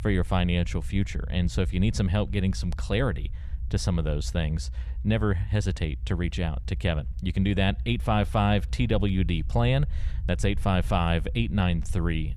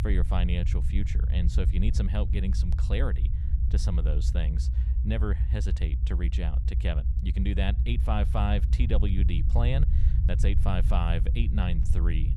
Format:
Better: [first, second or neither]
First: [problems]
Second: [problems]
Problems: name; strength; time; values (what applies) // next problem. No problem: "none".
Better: first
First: low rumble; faint; throughout; 25 dB below the speech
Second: low rumble; loud; throughout; 8 dB below the speech